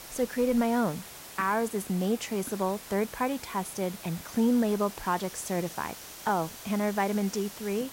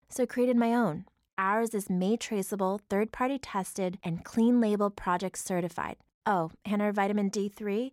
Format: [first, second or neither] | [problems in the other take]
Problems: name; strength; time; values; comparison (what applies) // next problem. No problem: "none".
second | hiss; noticeable; throughout; 15 dB below the speech